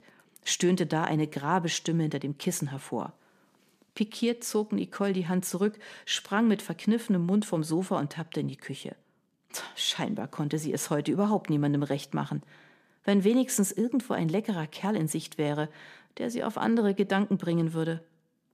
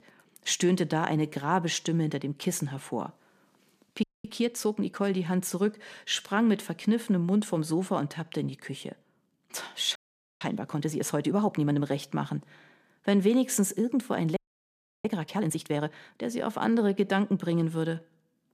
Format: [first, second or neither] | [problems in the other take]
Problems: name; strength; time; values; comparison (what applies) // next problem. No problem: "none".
first | audio freezing; at 4 s, at 10 s and at 14 s for 0.5 s